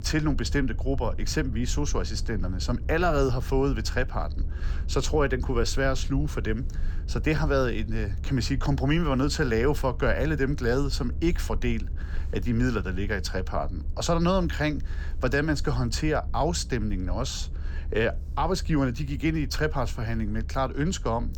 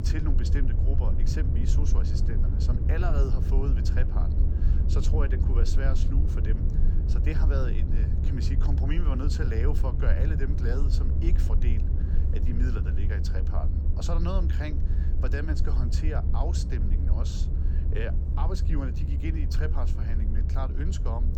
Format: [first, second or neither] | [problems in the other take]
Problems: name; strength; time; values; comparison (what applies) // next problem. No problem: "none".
first | low rumble; loud; throughout; 4 dB below the speech; faint in the first